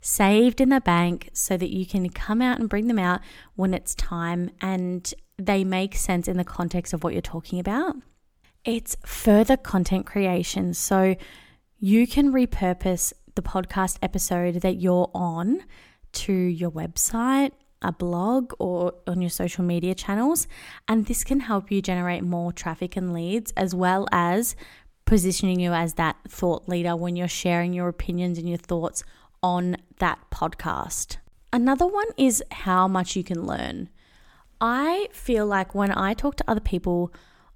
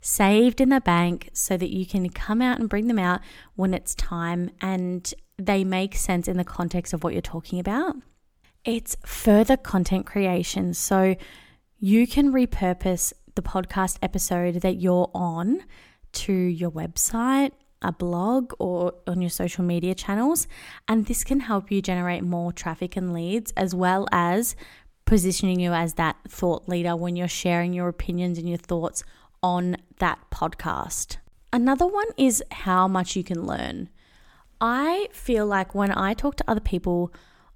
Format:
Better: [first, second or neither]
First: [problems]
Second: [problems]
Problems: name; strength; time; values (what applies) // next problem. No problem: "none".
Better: neither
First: none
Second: none